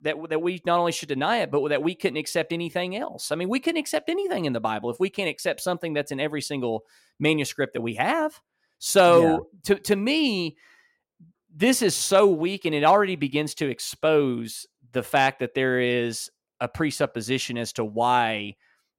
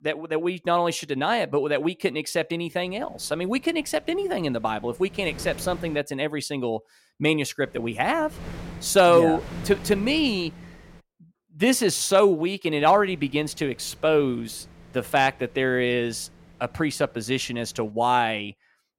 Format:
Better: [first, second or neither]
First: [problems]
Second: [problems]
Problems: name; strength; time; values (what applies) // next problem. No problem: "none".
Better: first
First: none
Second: wind noise on the microphone; occasional gusts; from 3 to 6 s, from 7.5 to 11 s and from 13 to 18 s; 25 dB below the speech